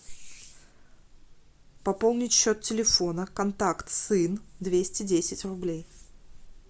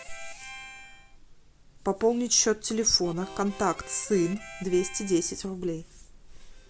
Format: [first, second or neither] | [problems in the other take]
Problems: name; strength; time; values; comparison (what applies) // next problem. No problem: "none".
first | background sound (Harmonica); 18 dB below the speech